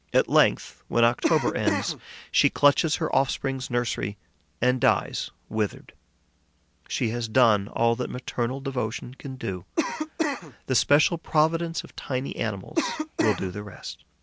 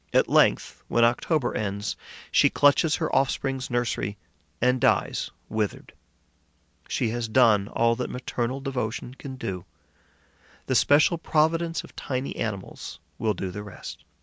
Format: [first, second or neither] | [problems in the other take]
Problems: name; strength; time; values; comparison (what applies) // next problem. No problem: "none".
second | background sound (Cough); 3 dB below the speech